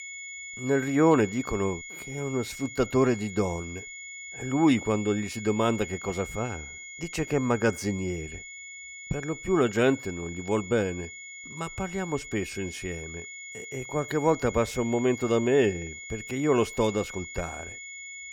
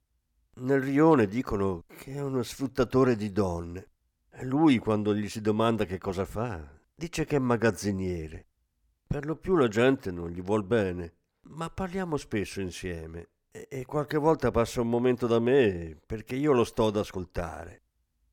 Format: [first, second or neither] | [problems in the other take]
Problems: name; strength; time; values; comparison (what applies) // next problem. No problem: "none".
second | high-pitched whine; noticeable; throughout; 2 kHz, 10 dB below the speech